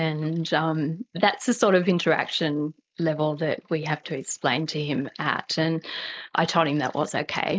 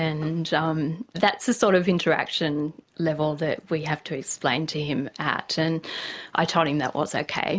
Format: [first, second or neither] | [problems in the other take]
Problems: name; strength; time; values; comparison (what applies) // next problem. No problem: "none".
second | noise reduction (neural mask model Resemble Enhance denoiser)